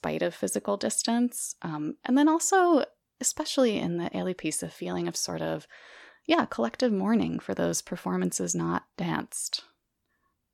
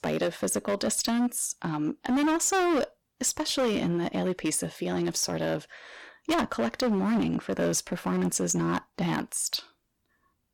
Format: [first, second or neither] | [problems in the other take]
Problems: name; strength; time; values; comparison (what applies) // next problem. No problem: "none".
first | distortion; heavy; 13% of the sound clipped